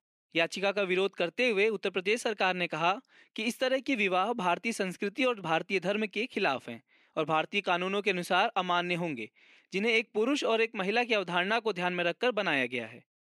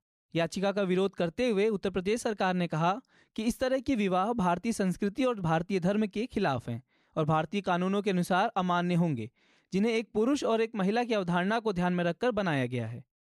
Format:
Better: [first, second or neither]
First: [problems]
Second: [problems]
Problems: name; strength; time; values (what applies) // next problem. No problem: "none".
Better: second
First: thin; very slightly; fading below 300 Hz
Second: none